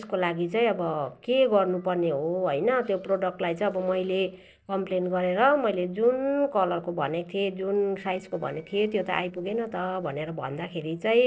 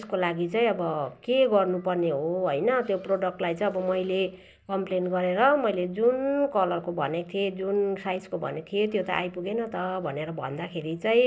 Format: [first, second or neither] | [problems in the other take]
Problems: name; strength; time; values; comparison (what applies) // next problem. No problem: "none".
second | noise reduction (neural separator model SepFormer DNS4)